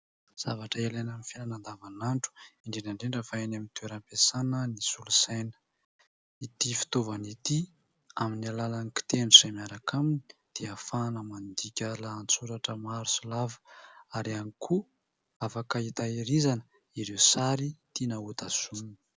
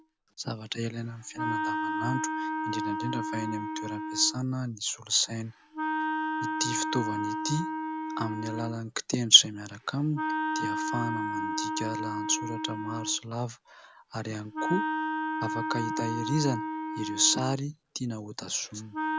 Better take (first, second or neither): first